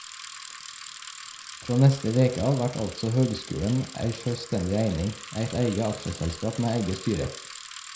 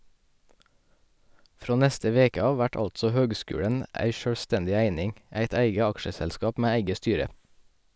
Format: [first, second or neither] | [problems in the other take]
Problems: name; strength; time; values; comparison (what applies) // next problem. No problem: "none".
second | background sound (Bicycle); 14 dB below the speech // room echo; dies away in 0.5 s